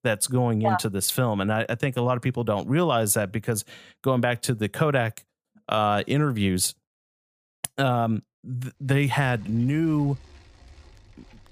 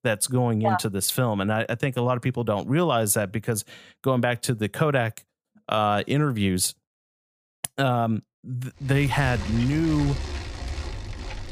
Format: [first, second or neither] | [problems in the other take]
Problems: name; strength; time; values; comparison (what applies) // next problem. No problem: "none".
first | traffic noise; loud; from 9 s on; 10 dB below the speech; faint in the first